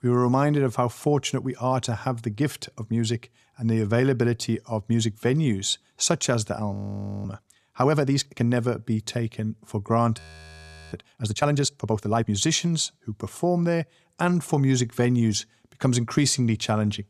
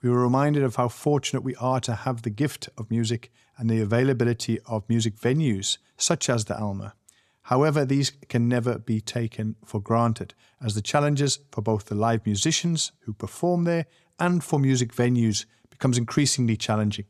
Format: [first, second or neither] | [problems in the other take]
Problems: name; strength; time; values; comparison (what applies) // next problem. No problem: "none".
second | audio freezing; at 6.5 s for 0.5 s and at 10 s for 0.5 s